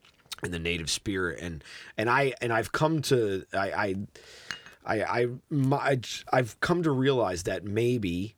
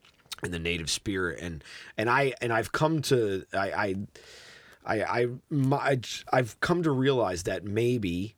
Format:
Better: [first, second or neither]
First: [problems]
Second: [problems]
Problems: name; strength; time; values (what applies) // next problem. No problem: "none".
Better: second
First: clattering dishes; faint; at 4.5 s; peak 15 dB below the speech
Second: none